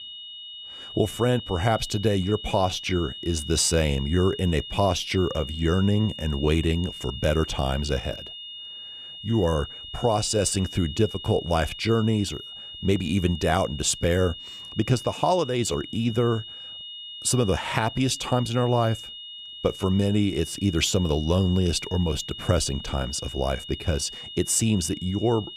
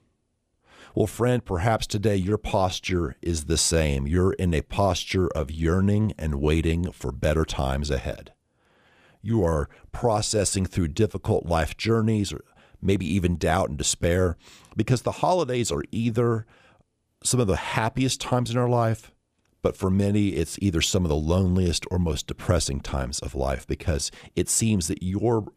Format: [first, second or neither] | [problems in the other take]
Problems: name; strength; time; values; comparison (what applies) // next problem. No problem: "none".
second | high-pitched whine; noticeable; throughout; 3 kHz, 10 dB below the speech